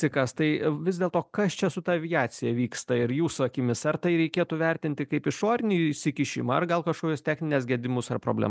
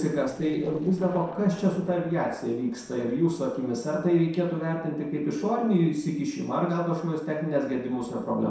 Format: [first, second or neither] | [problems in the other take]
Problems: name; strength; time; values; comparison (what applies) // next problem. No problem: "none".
first | noise reduction (neural separator model SepFormer DNS4)